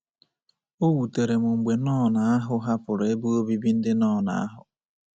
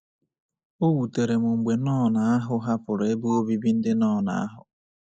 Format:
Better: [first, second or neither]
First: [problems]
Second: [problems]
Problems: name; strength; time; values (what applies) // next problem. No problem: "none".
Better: first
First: none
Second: noise reduction (neural mask model Resemble Enhance denoiser)